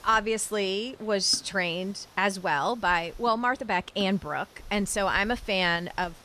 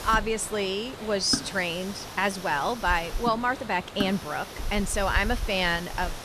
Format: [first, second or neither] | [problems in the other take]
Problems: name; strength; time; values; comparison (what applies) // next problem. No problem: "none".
first | hiss; loud; throughout; 9 dB below the speech; faint in the first